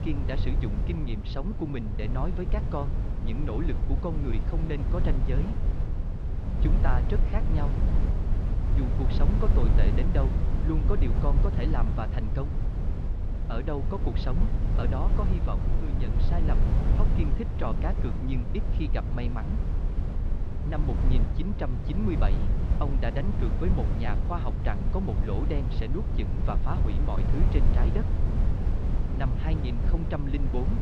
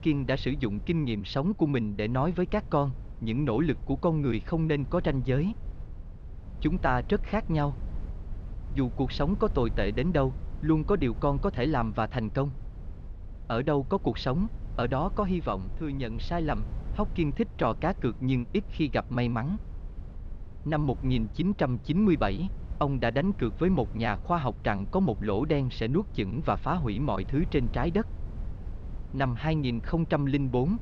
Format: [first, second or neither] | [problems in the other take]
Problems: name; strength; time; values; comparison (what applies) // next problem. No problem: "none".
second | low rumble; loud; throughout; 4 dB below the speech; faint in the second